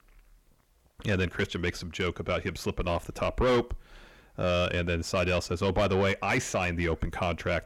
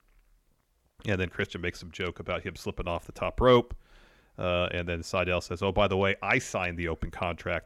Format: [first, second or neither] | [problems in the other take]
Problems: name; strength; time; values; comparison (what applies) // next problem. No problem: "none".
second | distortion; heavy; 6 dB below the speech